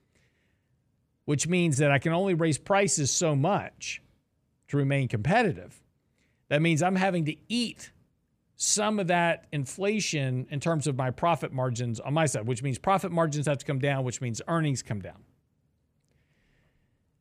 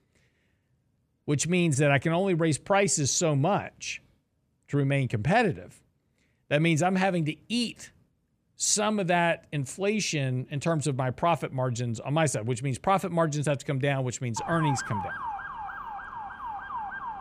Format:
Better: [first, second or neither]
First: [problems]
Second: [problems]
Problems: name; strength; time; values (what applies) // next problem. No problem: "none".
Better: first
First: none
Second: siren; noticeable; from 14 s on; peak 5 dB below the speech